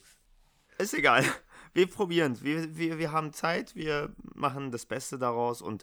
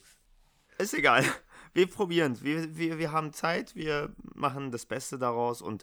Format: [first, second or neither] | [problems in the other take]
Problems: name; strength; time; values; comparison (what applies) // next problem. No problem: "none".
neither | none